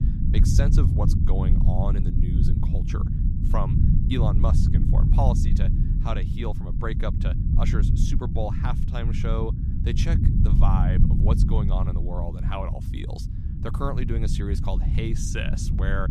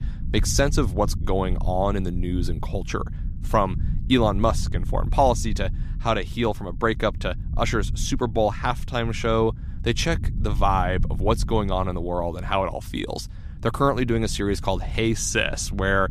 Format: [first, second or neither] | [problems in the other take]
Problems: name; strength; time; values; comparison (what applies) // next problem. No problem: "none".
second | low rumble; loud; throughout; 3 dB below the speech; faint in the second